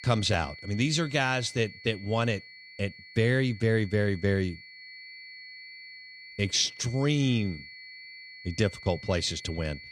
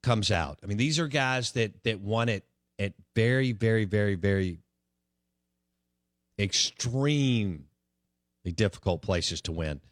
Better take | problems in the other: second | high-pitched whine; noticeable; throughout; 2 kHz, 15 dB below the speech

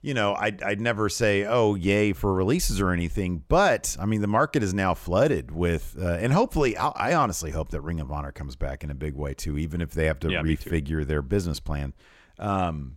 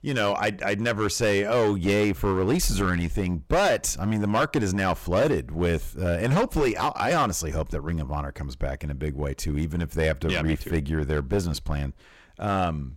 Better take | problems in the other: first | distortion; slight; 8% of the sound clipped

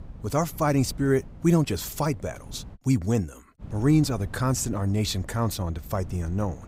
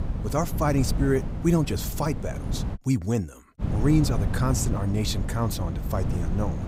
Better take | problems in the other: first | wind noise on the microphone; heavy; until 3 s and from 3.5 s on; 10 dB below the speech; occasional gusts in the first

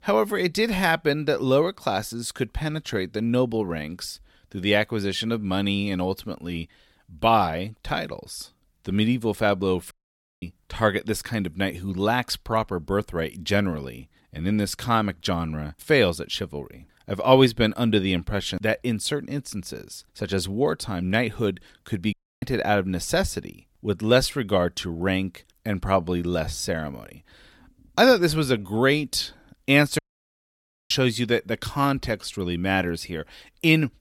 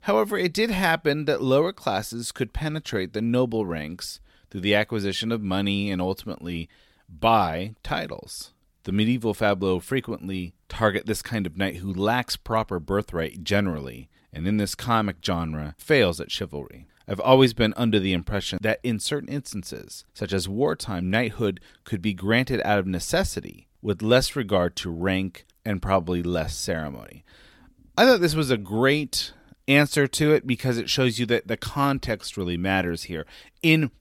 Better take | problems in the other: second | audio cutting out; at 10 s for 0.5 s, at 22 s and at 30 s for 1 s

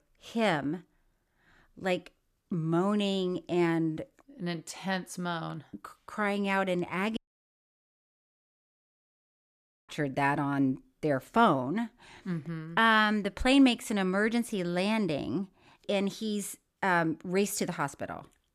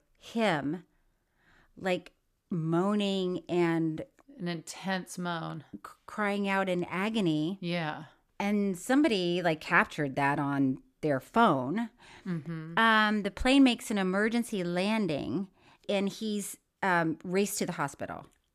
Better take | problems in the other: second | audio cutting out; at 7 s for 2.5 s

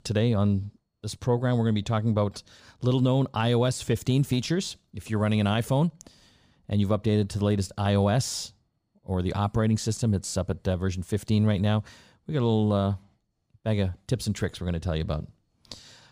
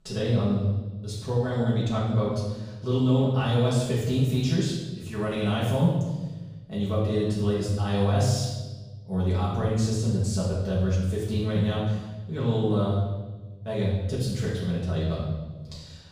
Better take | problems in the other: first | room echo; noticeable; dies away in 1.1 s // off-mic speech; far

